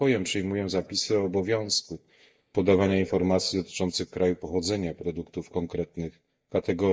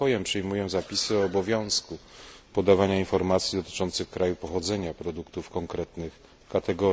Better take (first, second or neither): second